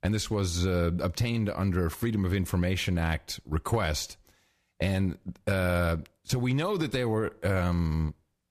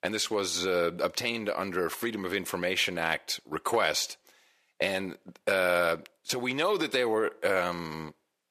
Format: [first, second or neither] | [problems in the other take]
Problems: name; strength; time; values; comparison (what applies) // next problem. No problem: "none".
first | thin; very; fading below 450 Hz